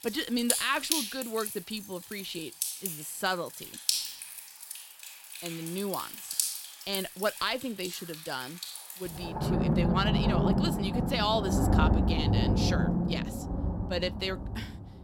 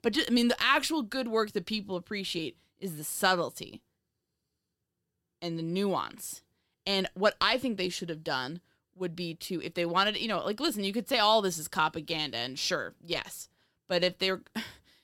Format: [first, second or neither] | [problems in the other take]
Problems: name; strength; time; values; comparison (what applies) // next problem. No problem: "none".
second | rain or running water; very loud; throughout; 3 dB above the speech